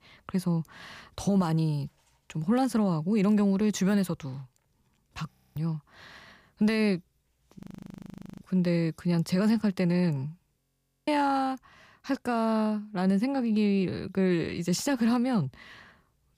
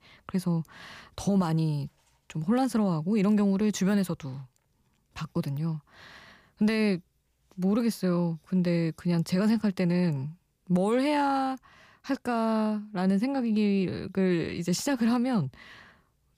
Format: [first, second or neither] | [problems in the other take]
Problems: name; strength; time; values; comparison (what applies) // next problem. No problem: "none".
second | audio freezing; at 5.5 s, at 7.5 s for 1 s and at 11 s